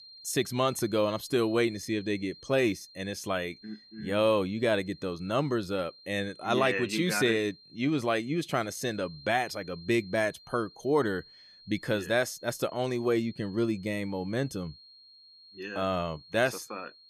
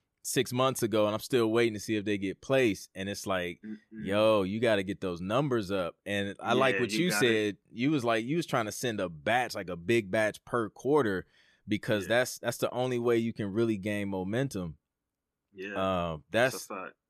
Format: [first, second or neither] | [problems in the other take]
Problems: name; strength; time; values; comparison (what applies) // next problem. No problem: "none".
second | high-pitched whine; faint; throughout; 4 kHz, 20 dB below the speech